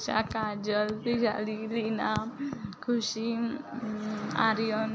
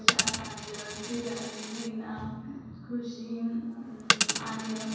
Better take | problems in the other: first | background sound (Coin (dropping)); 4 dB above the speech // room echo; dies away in 1.3 s

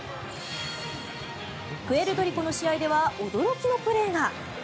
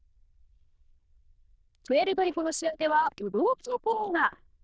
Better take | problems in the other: first | noise reduction (neural diffusion model UNIVERSE++)

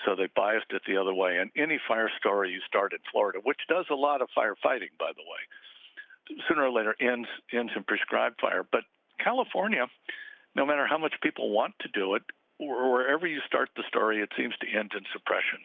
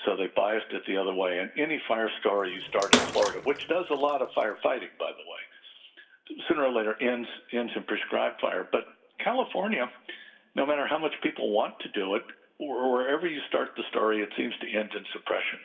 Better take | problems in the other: first | background sound (Bathtub (filling or washing) / Water / Splash, splatter); 2 dB below the speech // room echo; dies away in 0.7 s

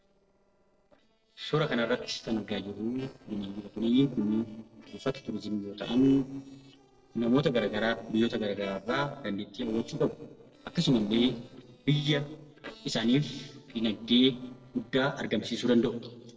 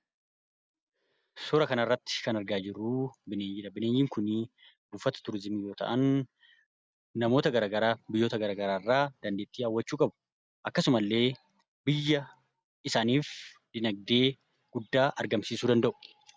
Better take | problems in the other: second | noise reduction (neural separator model SepFormer DNS4)

